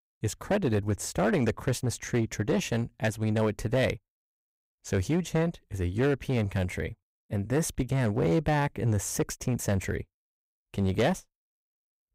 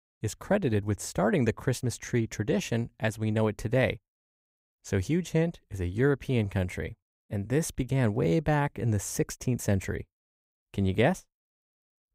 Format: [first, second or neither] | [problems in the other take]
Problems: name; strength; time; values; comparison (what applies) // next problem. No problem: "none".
second | distortion; slight; 7% of the sound clipped